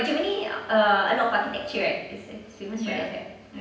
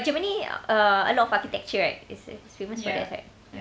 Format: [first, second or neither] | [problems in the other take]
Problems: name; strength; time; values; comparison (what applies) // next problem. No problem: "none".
second | room echo; dies away in 0.9 s